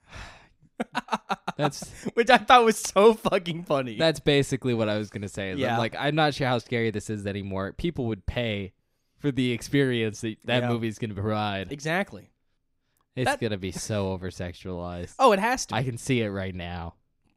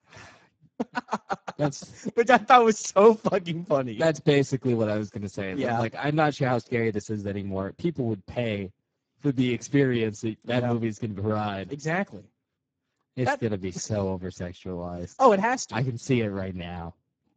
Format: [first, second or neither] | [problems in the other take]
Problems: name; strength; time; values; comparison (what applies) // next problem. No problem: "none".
first | garbled, watery; badly; nothing above 7.5 kHz